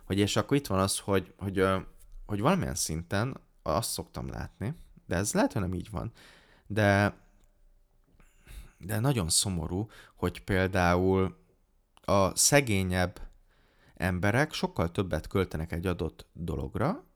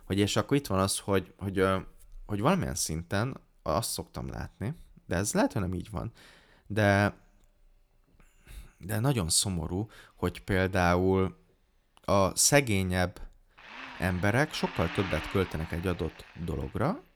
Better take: first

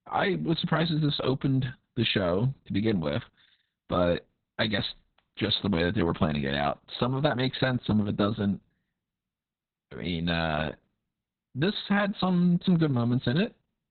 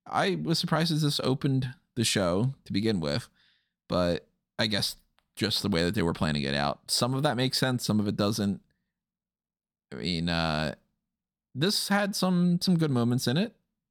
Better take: second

